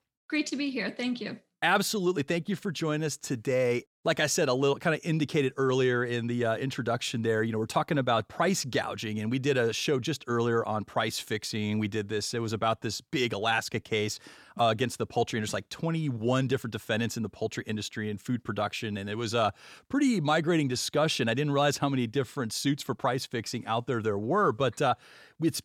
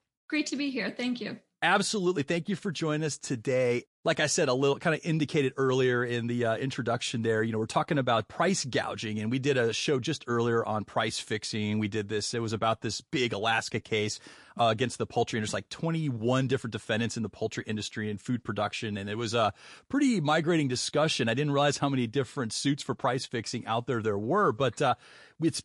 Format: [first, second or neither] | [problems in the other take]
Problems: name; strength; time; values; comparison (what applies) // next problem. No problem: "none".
first | garbled, watery; slightly